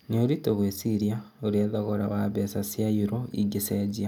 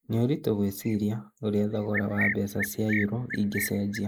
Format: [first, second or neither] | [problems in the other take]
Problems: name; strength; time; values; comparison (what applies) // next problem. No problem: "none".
first | noise reduction (neural mask model Resemble Enhance denoiser)